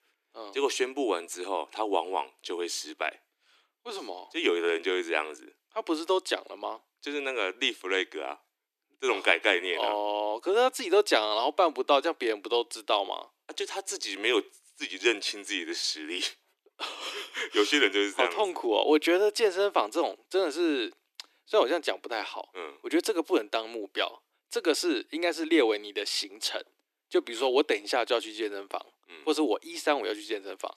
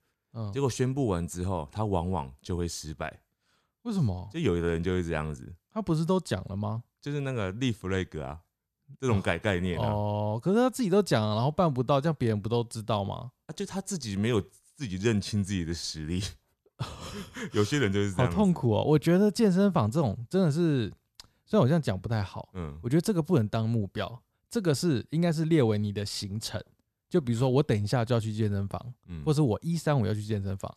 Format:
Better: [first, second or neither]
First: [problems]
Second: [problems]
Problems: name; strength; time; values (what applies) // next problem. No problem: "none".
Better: second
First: thin; very; fading below 300 Hz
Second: none